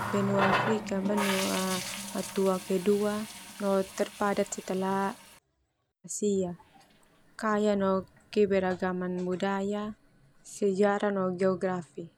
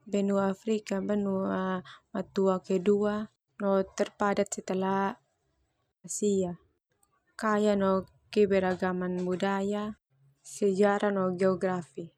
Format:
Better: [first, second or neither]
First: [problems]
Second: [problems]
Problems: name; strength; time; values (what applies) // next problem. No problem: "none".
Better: second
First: background sound (Water tap, faucet); 9 dB below the speech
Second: none